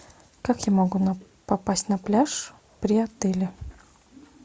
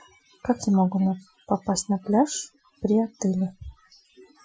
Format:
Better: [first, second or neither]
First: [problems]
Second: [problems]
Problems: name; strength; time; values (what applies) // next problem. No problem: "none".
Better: first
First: none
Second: noise reduction (classical method Wiener filter)